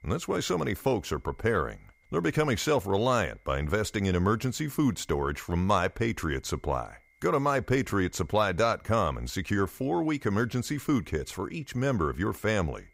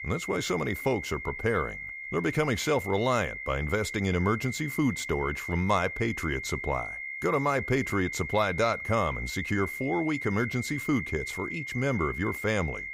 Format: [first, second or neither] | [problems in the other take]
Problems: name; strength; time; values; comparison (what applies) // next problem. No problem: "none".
first | high-pitched whine; loud; throughout; 2 kHz, 6 dB below the speech; faint in the first